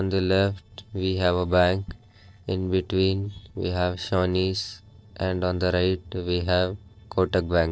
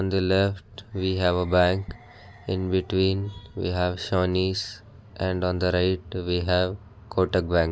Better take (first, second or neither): second